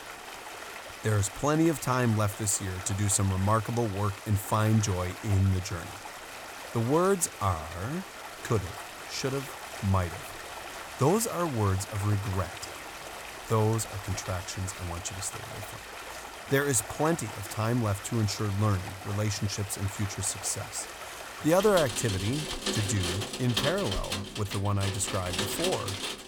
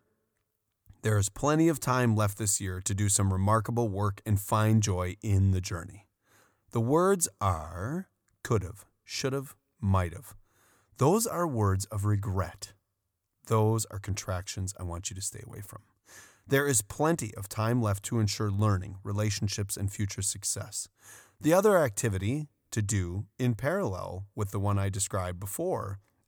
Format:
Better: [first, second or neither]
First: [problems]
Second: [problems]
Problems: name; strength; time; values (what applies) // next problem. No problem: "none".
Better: second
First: rain or running water; loud; throughout; 8 dB below the speech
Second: none